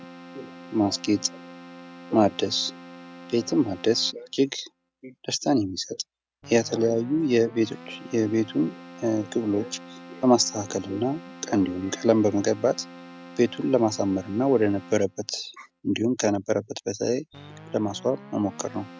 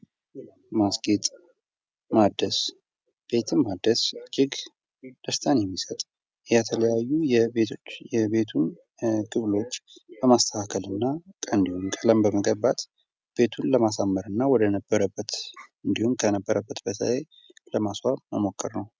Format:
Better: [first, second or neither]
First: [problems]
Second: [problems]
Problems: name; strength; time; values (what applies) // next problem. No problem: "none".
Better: second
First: background sound (Keyboard (musical)); 19 dB below the speech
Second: none